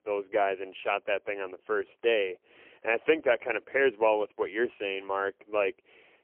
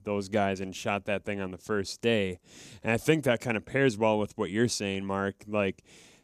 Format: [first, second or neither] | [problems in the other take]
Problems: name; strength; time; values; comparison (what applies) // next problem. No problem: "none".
second | phone-call audio; poor line; nothing above 3 kHz